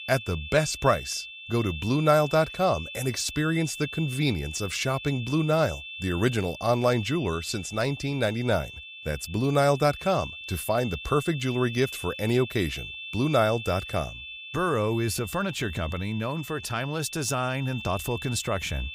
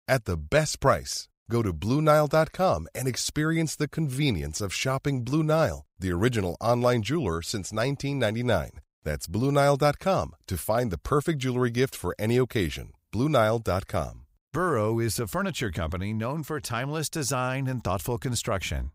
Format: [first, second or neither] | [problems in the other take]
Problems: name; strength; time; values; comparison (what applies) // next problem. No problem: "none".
second | high-pitched whine; noticeable; throughout; 2.5 kHz, 10 dB below the speech